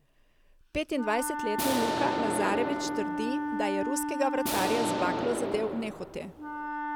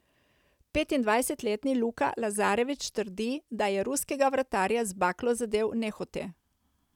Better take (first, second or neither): second